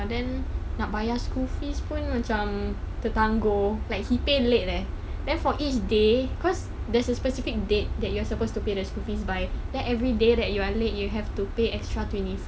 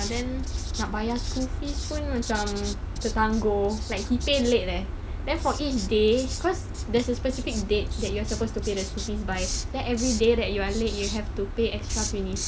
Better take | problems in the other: first | background sound (Writing); 13 dB below the speech

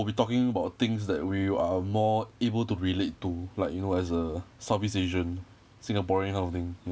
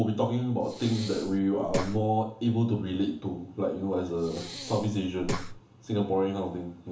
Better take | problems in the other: first | background sound (Breathing); 8 dB below the speech // room echo; dies away in 0.8 s

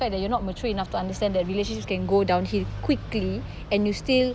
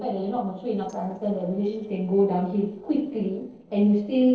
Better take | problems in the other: first | noise reduction (neural separator model SepFormer DNS4)

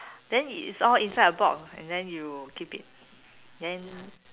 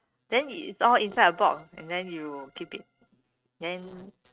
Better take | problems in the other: first | noise reduction (neural mask model RNNoise)

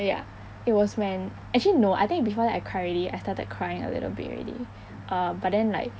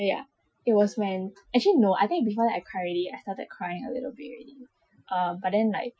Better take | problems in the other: first | noise reduction (classical method Wiener filter)

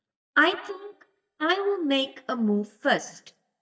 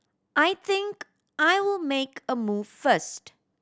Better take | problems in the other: second | noise reduction (neural mask model DeepFilterNet 3)

